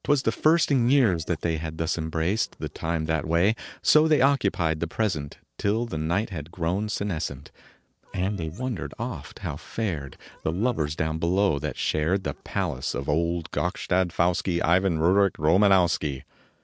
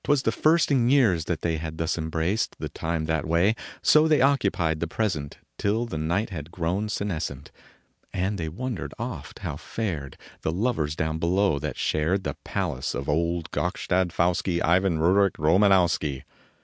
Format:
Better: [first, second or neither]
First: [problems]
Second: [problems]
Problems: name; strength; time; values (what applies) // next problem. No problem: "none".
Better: second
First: noise reduction (neural separator model SepFormer DNS4)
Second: none